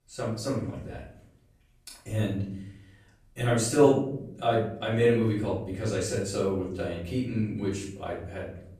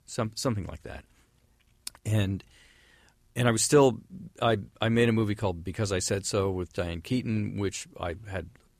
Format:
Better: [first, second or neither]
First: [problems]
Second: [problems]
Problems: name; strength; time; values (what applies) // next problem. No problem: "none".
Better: second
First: off-mic speech; far // room echo; noticeable; dies away in 0.7 s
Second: none